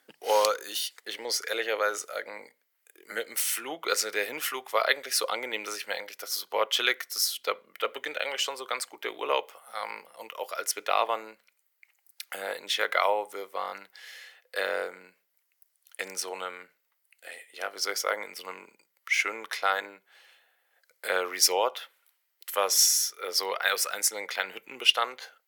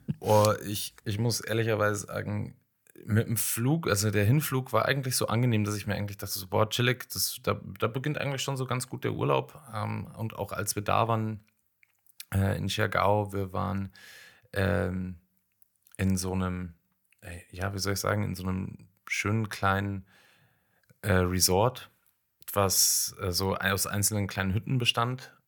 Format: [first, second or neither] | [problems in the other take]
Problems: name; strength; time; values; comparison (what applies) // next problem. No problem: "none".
second | thin; very; fading below 450 Hz